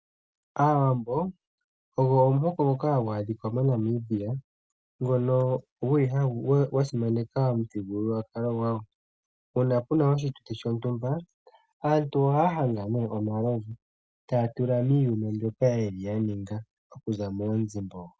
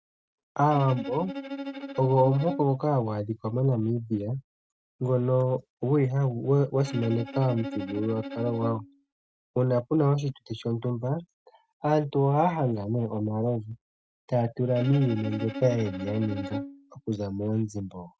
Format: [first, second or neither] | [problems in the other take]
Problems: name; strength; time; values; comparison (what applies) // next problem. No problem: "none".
first | noise reduction (neural mask model RNNoise)